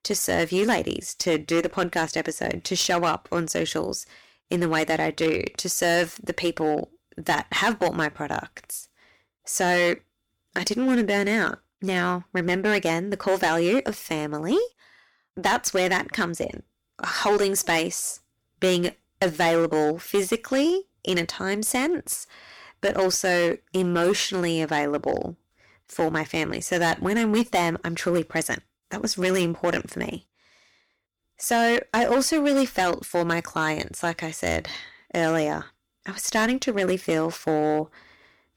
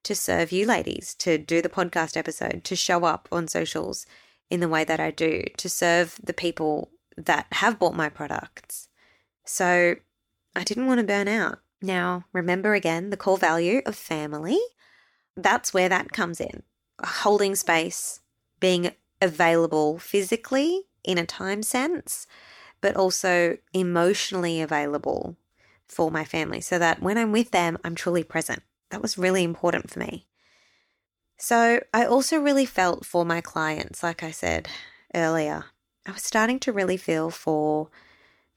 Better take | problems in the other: second | distortion; slight; 7% of the sound clipped

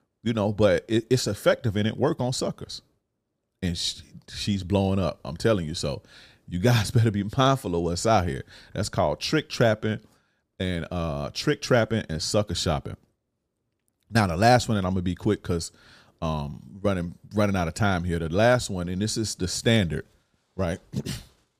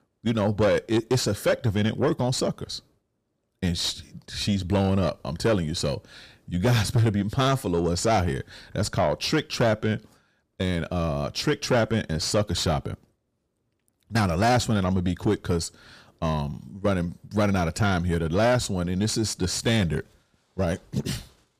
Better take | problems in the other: first | distortion; slight; 10 dB below the speech

